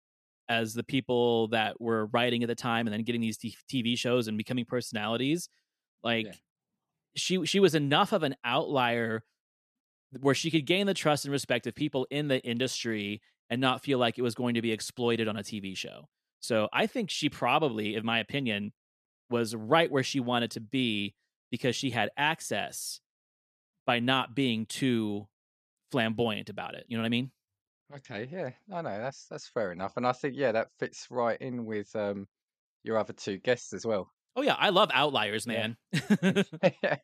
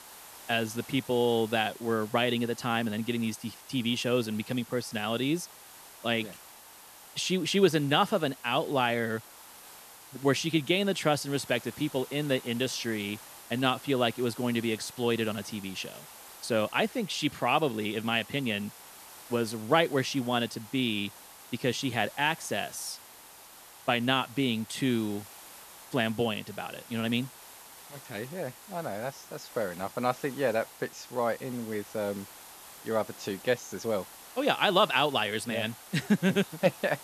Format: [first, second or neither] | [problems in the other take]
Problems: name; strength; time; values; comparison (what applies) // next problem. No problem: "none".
first | hiss; noticeable; throughout; 15 dB below the speech